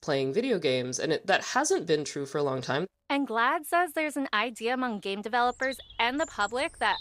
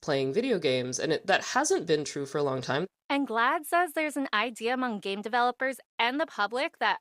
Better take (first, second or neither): second